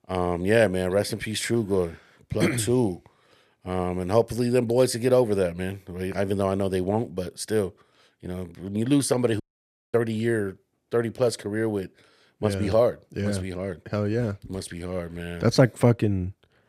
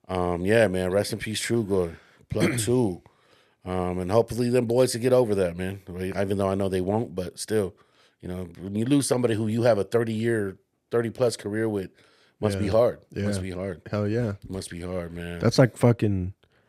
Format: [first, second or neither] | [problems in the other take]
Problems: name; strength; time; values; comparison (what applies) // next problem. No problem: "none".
second | audio cutting out; at 9.5 s for 0.5 s